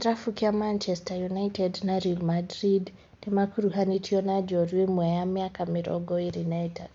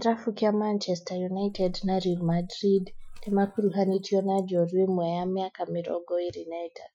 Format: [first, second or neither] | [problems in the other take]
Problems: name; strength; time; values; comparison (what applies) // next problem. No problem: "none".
first | noise reduction (classical method Wiener filter)